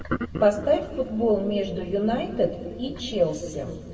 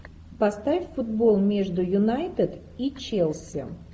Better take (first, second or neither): second